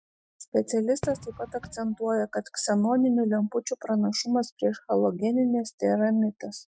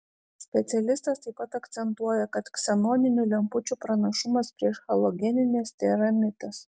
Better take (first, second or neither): second